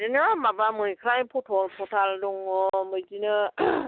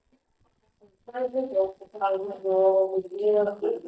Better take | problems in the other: first | noise reduction (neural mask model DeepFilterNet 3)

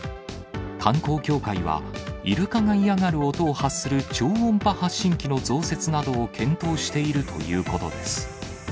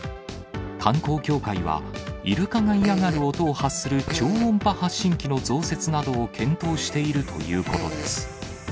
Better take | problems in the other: first | background sound (Fart); 11 dB below the speech

